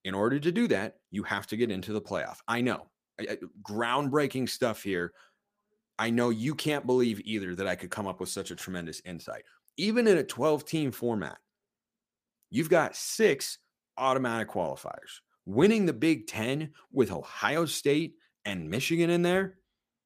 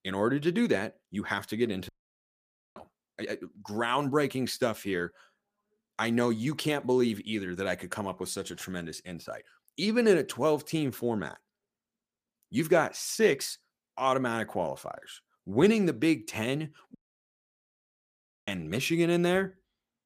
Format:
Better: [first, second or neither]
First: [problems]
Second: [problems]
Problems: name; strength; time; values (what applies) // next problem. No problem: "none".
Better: first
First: none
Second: audio cutting out; at 2 s for 1 s and at 17 s for 1.5 s